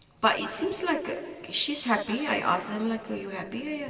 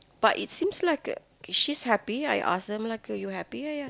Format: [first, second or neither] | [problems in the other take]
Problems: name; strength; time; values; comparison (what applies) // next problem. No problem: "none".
second | room echo; dies away in 2.6 s